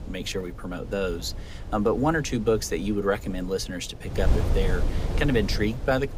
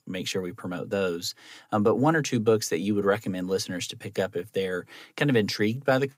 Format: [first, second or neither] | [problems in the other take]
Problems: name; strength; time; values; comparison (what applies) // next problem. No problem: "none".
second | wind noise on the microphone; occasional gusts; 15 dB below the speech